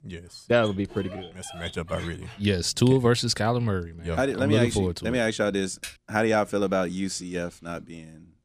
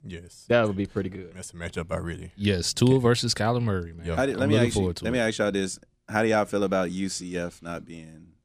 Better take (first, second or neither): second